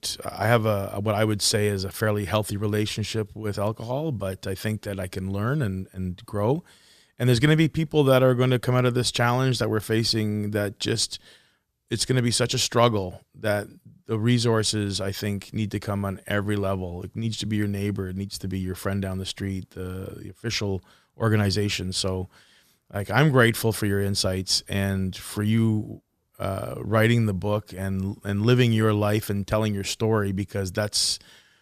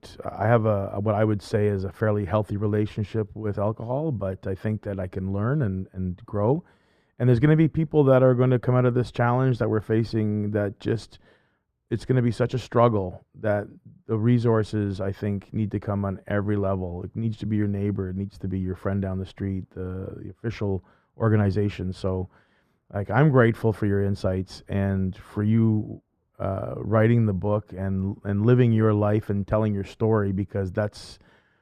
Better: first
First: none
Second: muffled; very; fading above 2.5 kHz

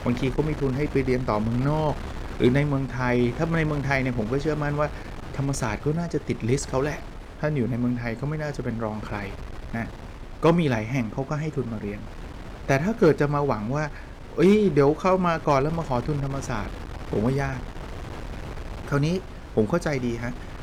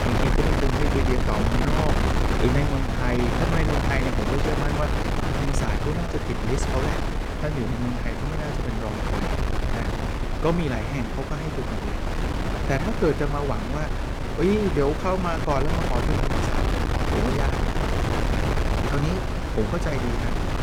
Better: first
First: wind noise on the microphone; occasional gusts; 15 dB below the speech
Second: wind noise on the microphone; heavy; 1 dB above the speech

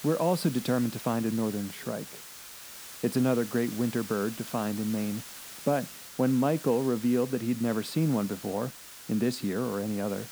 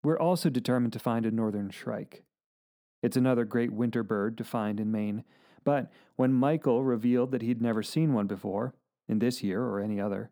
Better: second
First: hiss; noticeable; throughout; 10 dB below the speech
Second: none

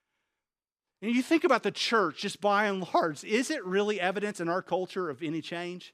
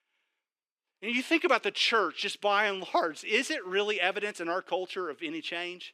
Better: first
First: none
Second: thin; very slightly; fading below 350 Hz

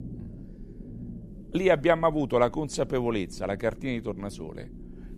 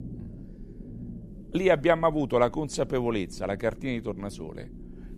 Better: neither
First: low rumble; faint; throughout; 25 dB below the speech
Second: low rumble; faint; throughout; 25 dB below the speech

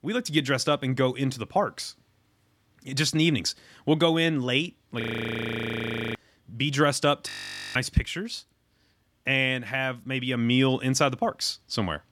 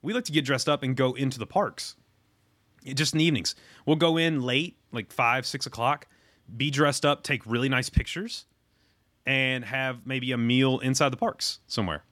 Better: second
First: audio freezing; at 5 s for 1 s and at 7.5 s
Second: none

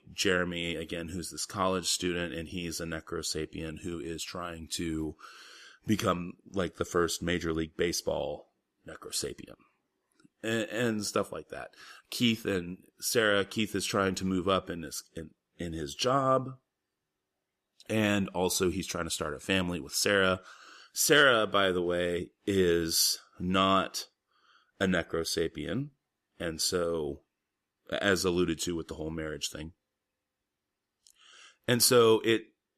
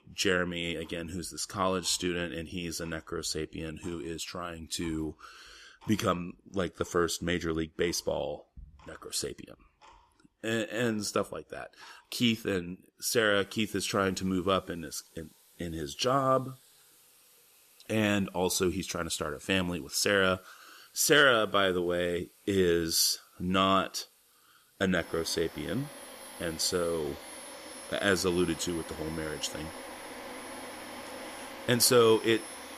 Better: first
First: none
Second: household noises; noticeable; throughout; 15 dB below the speech

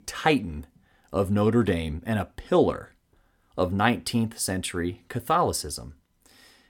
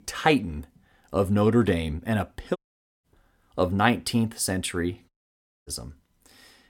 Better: first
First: none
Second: audio cutting out; at 2.5 s and at 5 s for 0.5 s

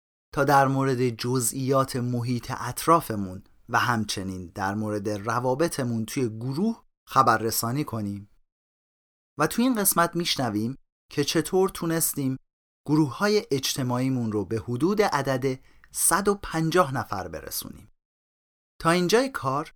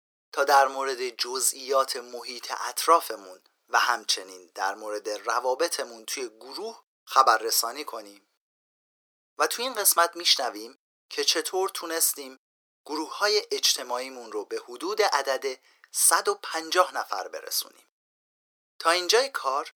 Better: first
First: none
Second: thin; very; fading below 400 Hz

